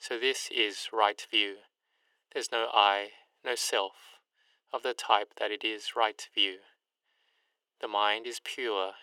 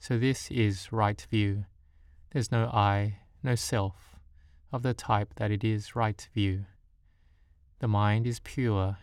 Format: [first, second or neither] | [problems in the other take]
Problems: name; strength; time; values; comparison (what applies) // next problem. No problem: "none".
second | thin; very; fading below 400 Hz